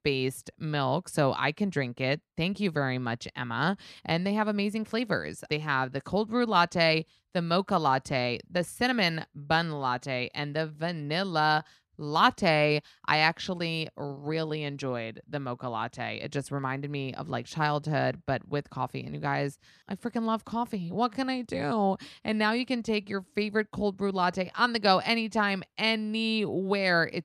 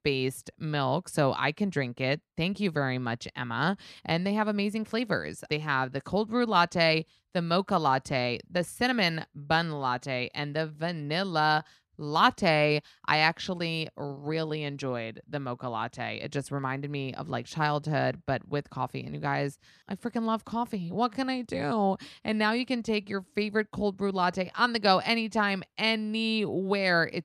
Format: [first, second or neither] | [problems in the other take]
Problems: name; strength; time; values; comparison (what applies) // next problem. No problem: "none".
neither | none